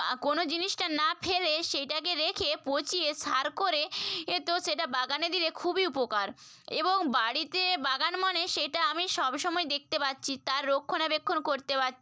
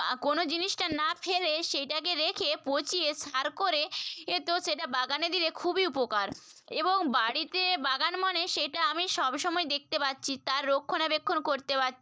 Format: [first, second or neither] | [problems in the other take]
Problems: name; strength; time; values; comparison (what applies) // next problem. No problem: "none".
first | noise reduction (neural mask model DeepFilterNet 3)